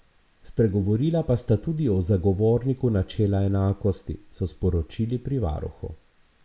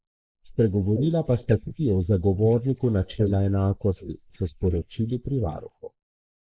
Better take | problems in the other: first | noise reduction (neural mask model Resemble Enhance denoiser)

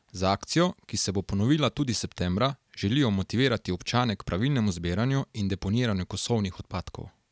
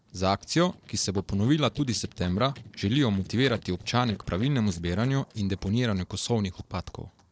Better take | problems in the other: first | noise reduction (neural separator model SepFormer DNS4)

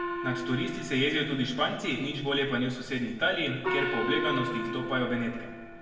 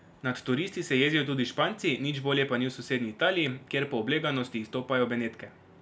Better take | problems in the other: second | background sound (Gong); 5 dB below the speech // room echo; dies away in 1.1 s

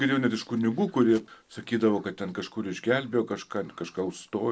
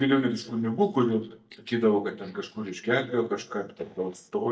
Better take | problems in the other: first | noise reduction (neural mask model DeepFilterNet 3)

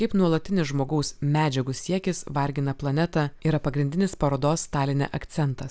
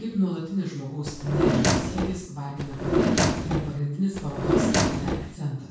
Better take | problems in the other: first | background sound (Drawer open or close); 5 dB above the speech // room echo; dies away in 0.6 s

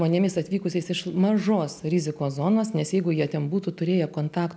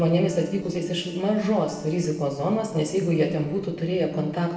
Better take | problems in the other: first | noise reduction (neural separator model SepFormer DNS4)

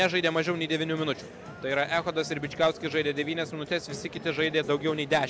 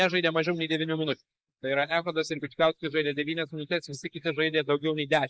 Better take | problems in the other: first | noise reduction (neural mask model Resemble Enhance denoiser)

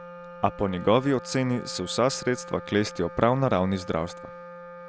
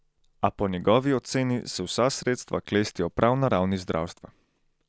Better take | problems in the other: second | background sound (Wind instrument, woodwind instrument); 15 dB below the speech

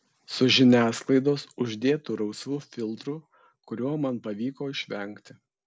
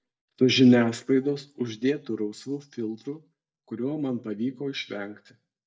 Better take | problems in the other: first | noise reduction (neural mask model DeepFilterNet 3)

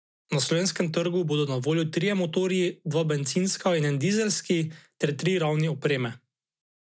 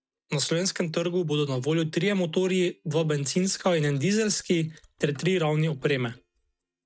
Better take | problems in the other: first | noise reduction (neural mask model DeepFilterNet 3)

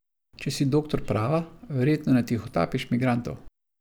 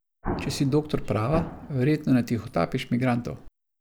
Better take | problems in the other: first | background sound (Explosion); 9 dB below the speech

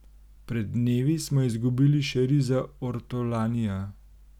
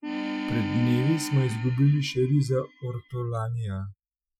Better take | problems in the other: first | noise reduction (classical method Wiener filter)

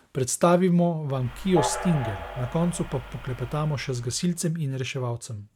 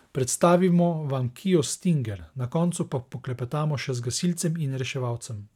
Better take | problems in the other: second | background sound (Train); 10 dB below the speech

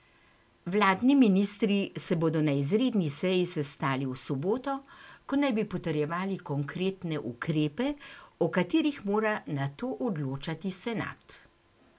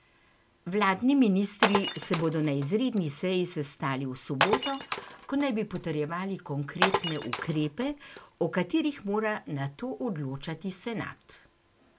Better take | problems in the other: first | background sound (Glass); 4 dB below the speech

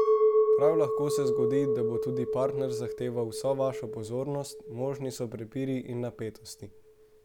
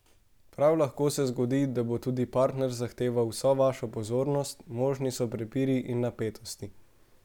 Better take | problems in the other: second | background sound (Chink, clink); 3 dB above the speech

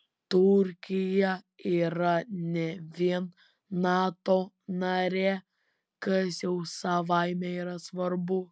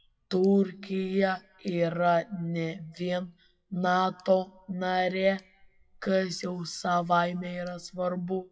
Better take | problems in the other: first | noise reduction (classical method WPE with log-MMSE)

